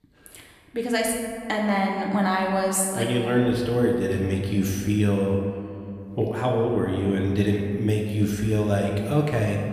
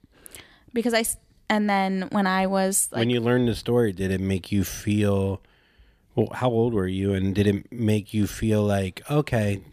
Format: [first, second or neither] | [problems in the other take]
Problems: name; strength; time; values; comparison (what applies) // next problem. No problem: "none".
second | room echo; noticeable; dies away in 2 s // off-mic speech; somewhat distant